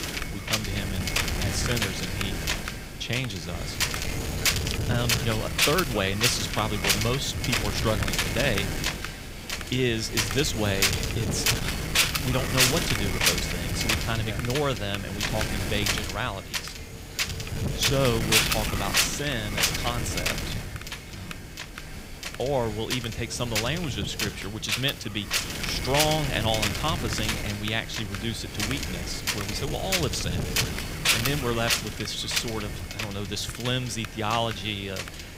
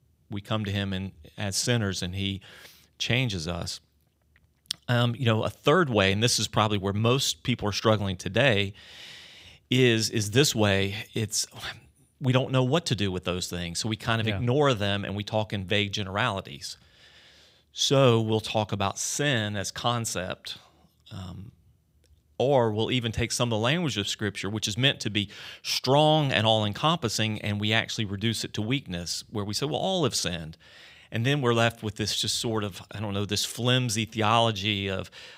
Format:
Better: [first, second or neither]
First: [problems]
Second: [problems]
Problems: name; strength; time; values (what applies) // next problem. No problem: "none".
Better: second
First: wind noise on the microphone; heavy; 2 dB above the speech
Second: none